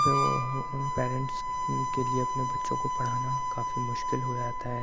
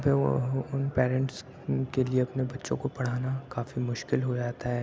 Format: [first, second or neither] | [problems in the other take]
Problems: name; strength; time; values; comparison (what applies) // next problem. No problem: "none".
second | background sound (Harmonica); 3 dB above the speech